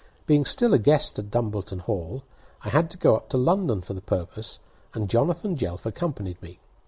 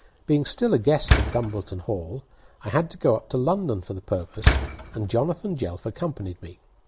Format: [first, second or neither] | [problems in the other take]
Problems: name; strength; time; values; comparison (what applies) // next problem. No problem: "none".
first | background sound (Slam); 1 dB above the speech